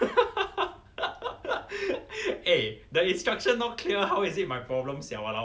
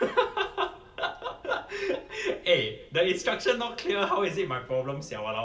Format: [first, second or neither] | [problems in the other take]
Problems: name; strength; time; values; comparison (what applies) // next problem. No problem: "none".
first | room echo; dies away in 1.5 s